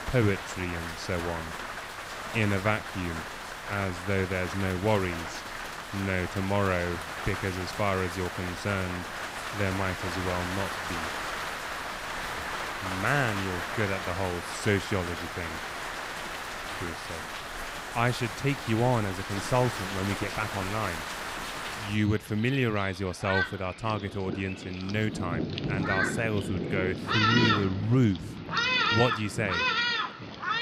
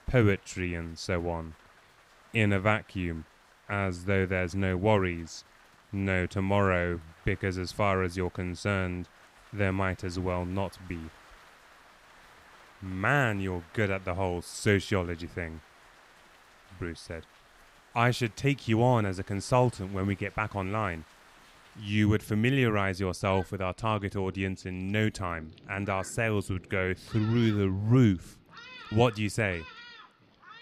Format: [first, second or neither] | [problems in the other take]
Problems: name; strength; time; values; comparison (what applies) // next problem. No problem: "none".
second | rain or running water; loud; throughout; 2 dB below the speech; faint in the second